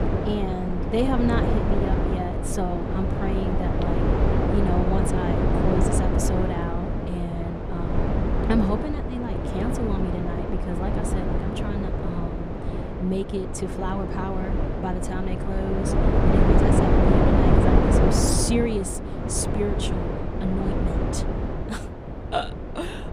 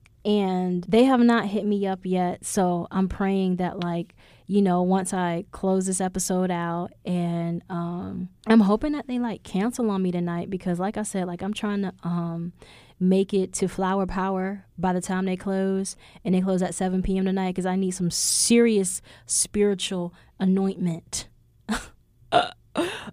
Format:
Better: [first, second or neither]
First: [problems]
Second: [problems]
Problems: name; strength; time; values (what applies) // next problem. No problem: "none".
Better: second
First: wind noise on the microphone; heavy; 3 dB above the speech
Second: none